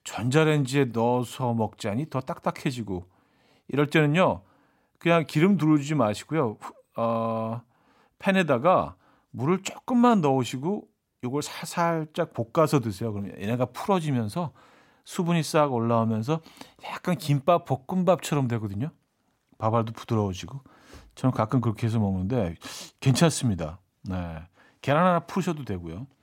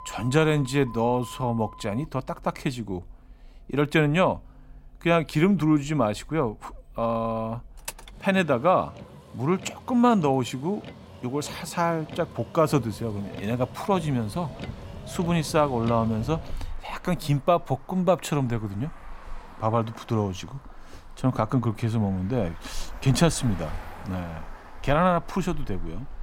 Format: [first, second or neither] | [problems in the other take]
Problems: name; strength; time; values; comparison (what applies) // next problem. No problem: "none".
first | traffic noise; noticeable; throughout; 20 dB below the speech